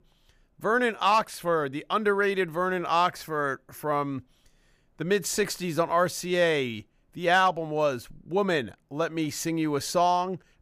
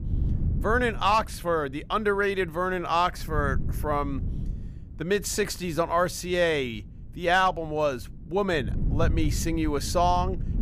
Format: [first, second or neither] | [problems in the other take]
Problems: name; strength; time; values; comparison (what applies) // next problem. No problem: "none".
first | wind noise on the microphone; occasional gusts; 20 dB below the speech